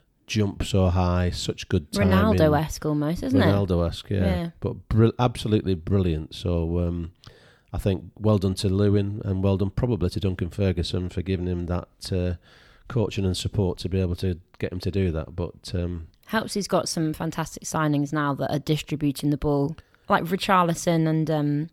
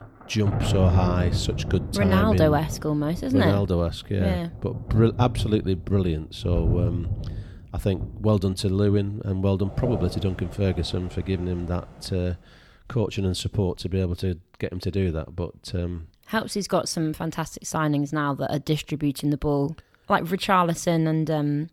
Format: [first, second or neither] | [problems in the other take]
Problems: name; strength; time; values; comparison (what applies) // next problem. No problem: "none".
first | rain or running water; loud; until 12 s; 6 dB below the speech